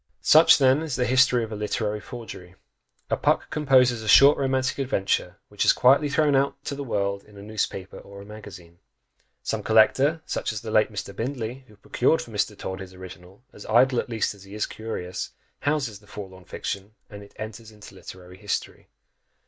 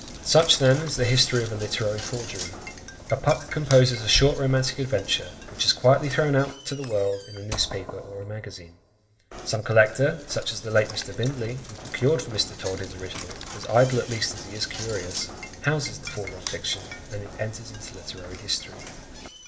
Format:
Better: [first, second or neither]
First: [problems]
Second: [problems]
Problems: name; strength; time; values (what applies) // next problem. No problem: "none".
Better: first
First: none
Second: background sound (Knock); 13 dB below the speech // room echo; dies away in 1 s